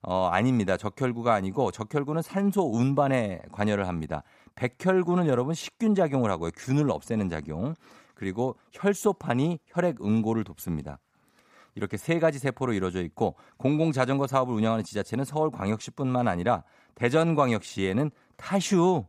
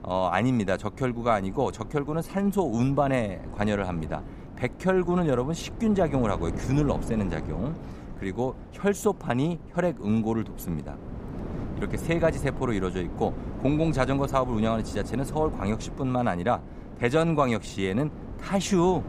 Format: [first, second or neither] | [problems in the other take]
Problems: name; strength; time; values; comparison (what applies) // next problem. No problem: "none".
first | wind noise on the microphone; occasional gusts; 15 dB below the speech